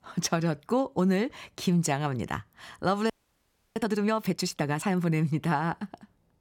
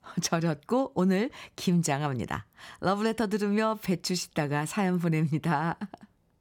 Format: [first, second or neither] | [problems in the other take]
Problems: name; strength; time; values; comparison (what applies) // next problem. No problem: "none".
second | audio freezing; at 3 s for 0.5 s